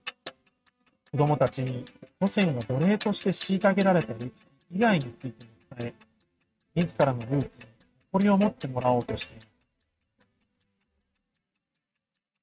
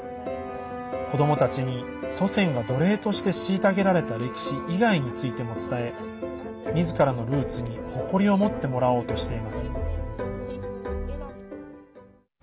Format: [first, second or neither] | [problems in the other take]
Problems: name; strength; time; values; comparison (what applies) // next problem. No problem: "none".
second | noise reduction (neural mask model RNNoise)